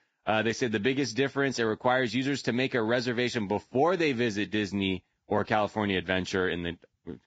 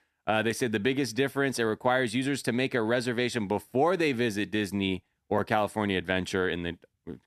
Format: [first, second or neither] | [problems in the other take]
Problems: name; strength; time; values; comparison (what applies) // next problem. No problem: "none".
second | garbled, watery; badly; nothing above 7.5 kHz